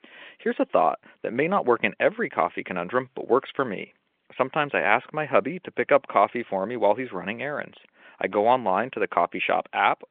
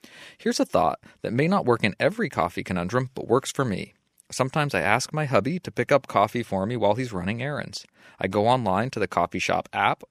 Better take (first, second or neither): second